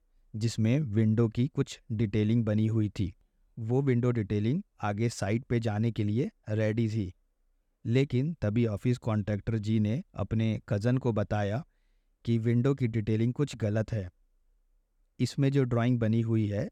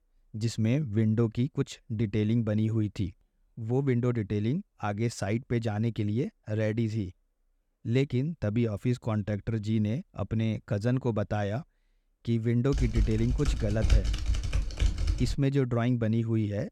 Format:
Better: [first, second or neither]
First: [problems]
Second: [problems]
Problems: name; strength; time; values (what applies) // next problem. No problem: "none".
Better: first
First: none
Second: keyboard typing; loud; from 13 to 15 s; peak 2 dB above the speech